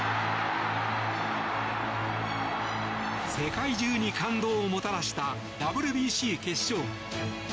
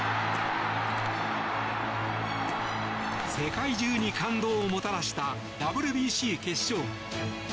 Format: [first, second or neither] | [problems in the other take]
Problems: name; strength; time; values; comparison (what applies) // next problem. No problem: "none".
first | background sound (Walk, footsteps); 17 dB below the speech